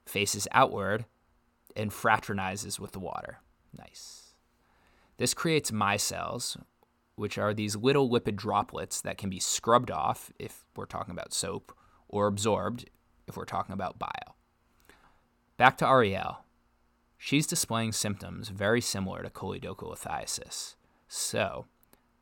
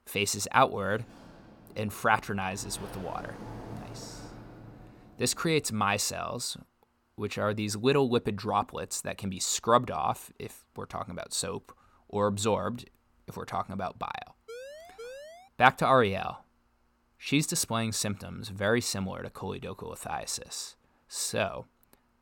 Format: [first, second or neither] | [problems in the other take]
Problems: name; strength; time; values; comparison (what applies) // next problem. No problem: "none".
first | door banging; faint; from 1 to 5.5 s; peak 10 dB below the speech // siren; faint; from 14 to 15 s; peak 15 dB below the speech